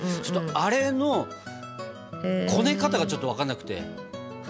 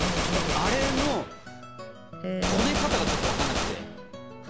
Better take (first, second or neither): first